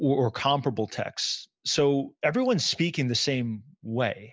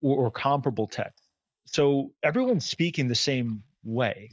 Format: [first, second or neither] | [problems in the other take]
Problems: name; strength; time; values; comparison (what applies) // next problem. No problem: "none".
first | noise reduction (neural mask model DeepFilterNet 3)